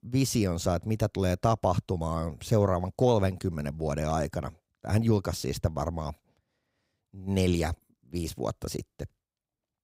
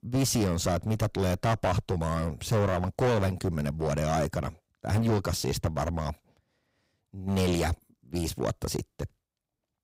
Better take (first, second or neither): first